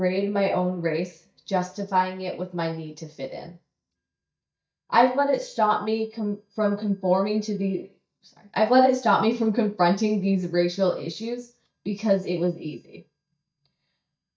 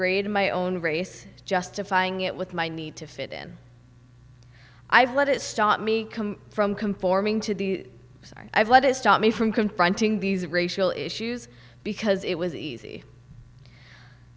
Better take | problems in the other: second | noise reduction (neural mask model DeepFilterNet 3)

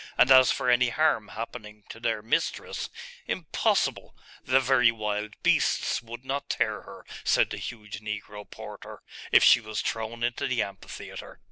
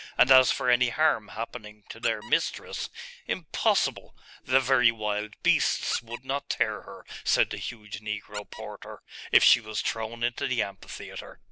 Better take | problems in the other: first | background sound (Squeak); 19 dB below the speech

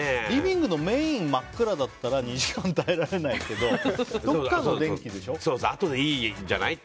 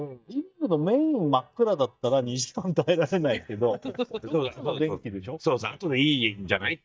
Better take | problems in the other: first | noise reduction (neural mask model DeepFilterNet 3)

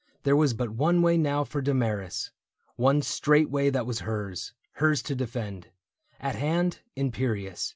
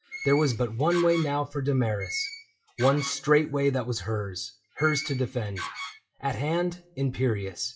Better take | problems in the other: first | noise reduction (classical method WPE with log-MMSE)

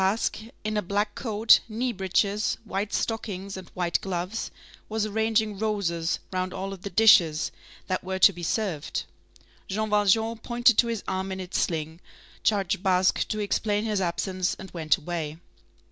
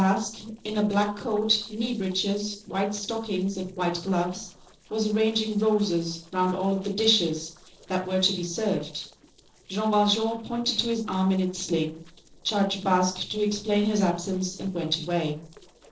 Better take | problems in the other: first | noise reduction (neural separator model SepFormer DNS4)

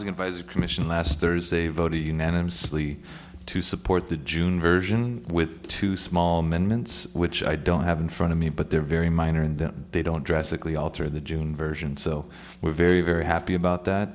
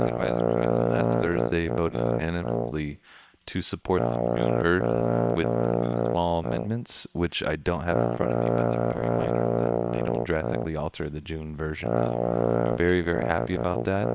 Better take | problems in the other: first | noise reduction (neural separator model SepFormer WHAM!)

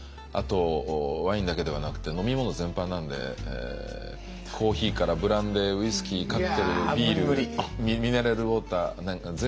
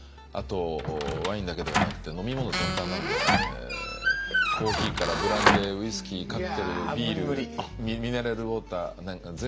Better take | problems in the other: first | background sound (Door + Squeak); 4 dB above the speech

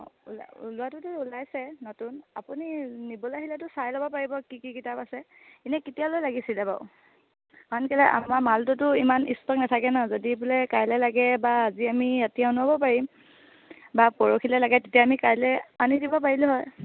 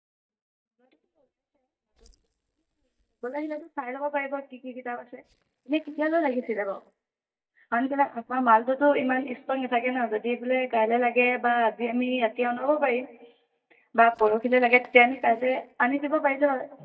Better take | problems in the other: first | noise reduction (neural mask model DeepFilterNet 3)

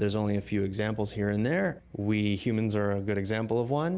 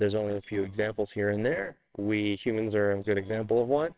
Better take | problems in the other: first | noise reduction (neural separator model SepFormer WHAMR!)

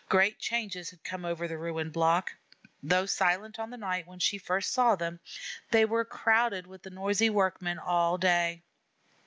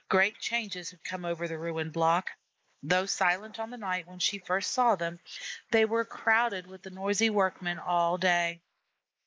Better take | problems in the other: first | noise reduction (neural mask model Resemble Enhance denoiser)

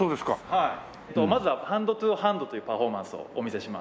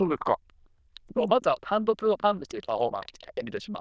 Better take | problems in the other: first | noise reduction (neural diffusion model UNIVERSE++)

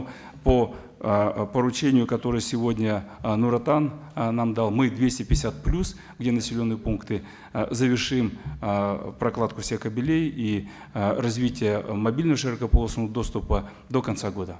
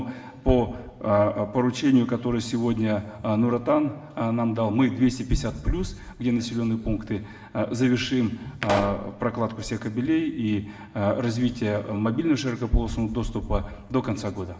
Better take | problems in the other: first | background sound (Explosion); 9 dB below the speech // room echo; dies away in 1.4 s

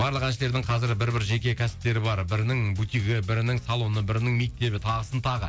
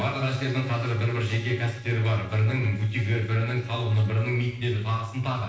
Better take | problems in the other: first | noise reduction (neural separator model SepFormer DNS4)

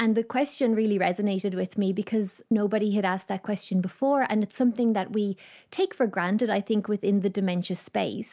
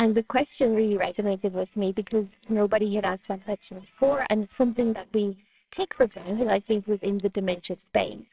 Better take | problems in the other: first | noise reduction (neural separator model SepFormer WHAMR!)

